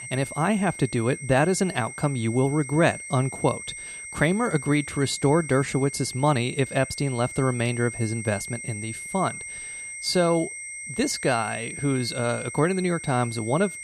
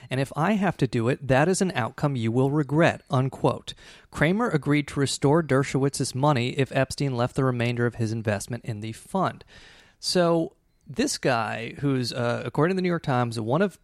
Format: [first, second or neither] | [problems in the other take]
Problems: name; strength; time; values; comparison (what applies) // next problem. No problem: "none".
second | high-pitched whine; loud; throughout; 2 kHz, 10 dB below the speech